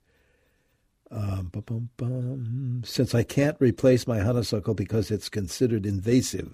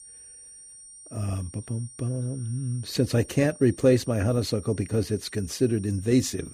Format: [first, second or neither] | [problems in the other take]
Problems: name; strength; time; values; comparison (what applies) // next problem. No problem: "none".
first | high-pitched whine; noticeable; throughout; 9 kHz, 20 dB below the speech